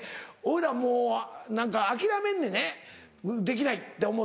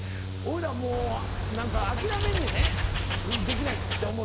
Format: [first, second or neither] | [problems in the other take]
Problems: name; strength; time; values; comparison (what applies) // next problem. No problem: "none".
first | background sound (Wild animals + Mechanical fan); 4 dB above the speech